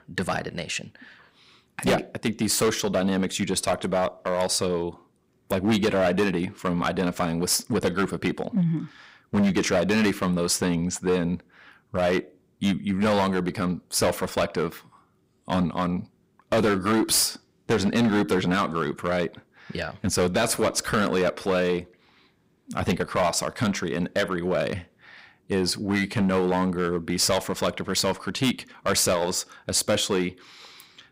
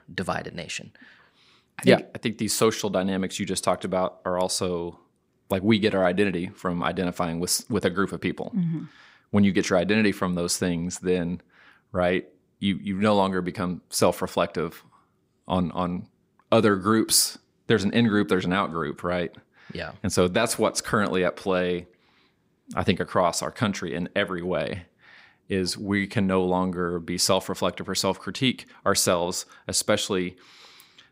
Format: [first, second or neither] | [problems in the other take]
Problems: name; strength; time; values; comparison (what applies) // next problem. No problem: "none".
second | distortion; heavy; 8% of the sound clipped